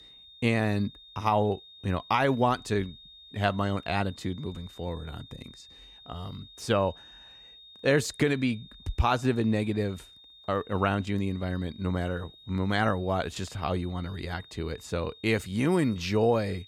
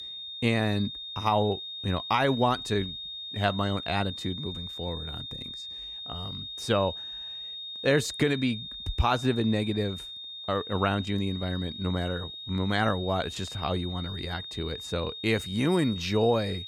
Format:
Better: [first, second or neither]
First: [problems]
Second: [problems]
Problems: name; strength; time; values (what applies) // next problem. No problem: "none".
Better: first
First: high-pitched whine; faint; throughout; 3.5 kHz, 20 dB below the speech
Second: high-pitched whine; loud; throughout; 3.5 kHz, 8 dB below the speech